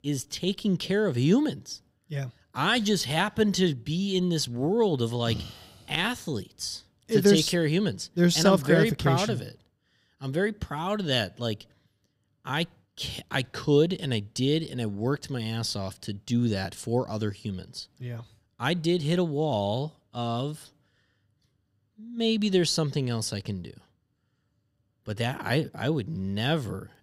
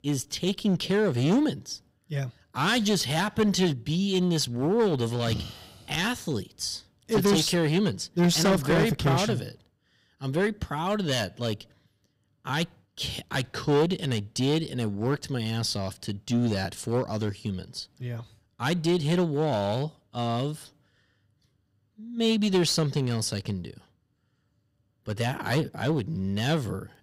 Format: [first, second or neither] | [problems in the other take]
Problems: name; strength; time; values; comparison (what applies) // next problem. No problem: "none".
first | distortion; slight; 6% of the sound clipped